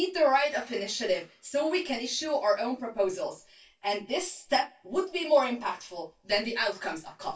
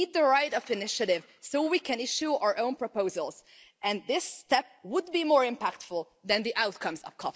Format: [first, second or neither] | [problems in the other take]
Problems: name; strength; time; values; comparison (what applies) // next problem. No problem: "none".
second | room echo; dies away in 0.1 s